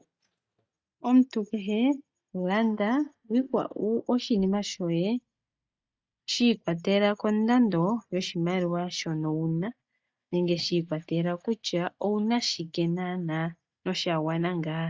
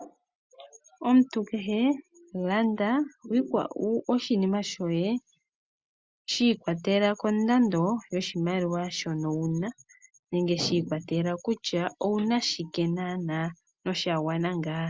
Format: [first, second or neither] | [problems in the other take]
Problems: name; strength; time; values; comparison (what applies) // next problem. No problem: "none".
second | noise reduction (neural mask model DeepFilterNet 3)